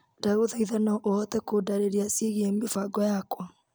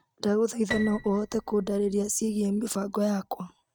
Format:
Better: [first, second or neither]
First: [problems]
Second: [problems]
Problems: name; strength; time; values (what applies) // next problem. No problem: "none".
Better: first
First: none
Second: noise reduction (neural mask model RNNoise)